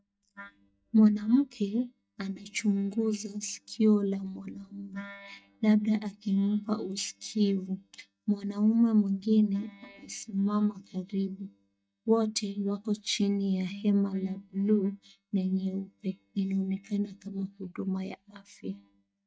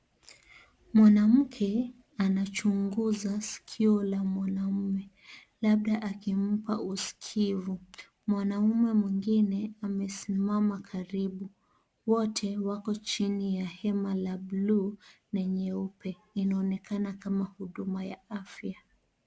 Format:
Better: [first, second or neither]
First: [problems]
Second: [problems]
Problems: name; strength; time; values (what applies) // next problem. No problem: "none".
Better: second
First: noise reduction (neural mask model DeepFilterNet 3)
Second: none